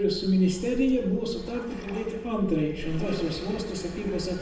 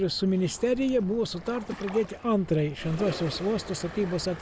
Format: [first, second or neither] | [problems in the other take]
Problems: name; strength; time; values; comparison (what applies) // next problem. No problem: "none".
second | room echo; dies away in 0.7 s